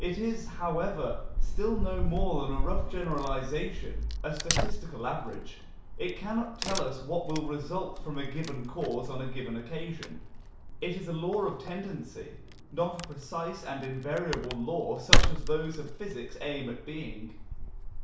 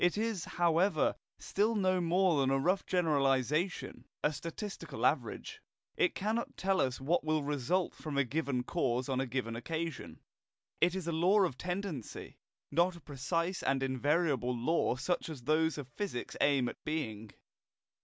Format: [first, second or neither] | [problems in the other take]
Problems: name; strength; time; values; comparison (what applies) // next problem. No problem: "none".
second | background sound (Tearing / Wood); 4 dB above the speech // room echo; dies away in 0.6 s